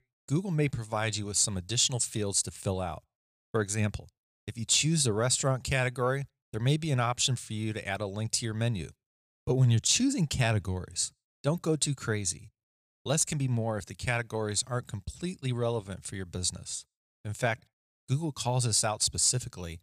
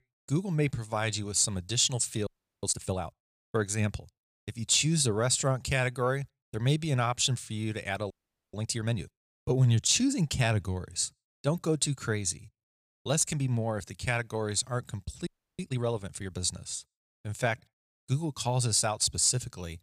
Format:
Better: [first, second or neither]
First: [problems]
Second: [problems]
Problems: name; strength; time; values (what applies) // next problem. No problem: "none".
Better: first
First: none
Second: audio freezing; at 2.5 s, at 8 s and at 15 s